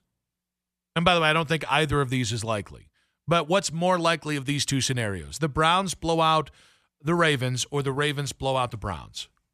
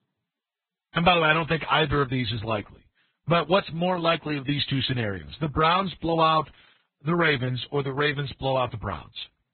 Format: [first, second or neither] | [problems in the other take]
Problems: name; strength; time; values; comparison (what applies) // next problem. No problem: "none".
first | garbled, watery; badly; nothing above 4 kHz